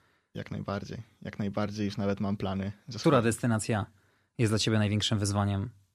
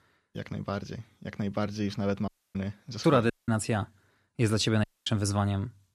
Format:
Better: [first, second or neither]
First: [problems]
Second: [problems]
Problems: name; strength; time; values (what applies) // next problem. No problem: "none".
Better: first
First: none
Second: audio cutting out; at 2.5 s, at 3.5 s and at 5 s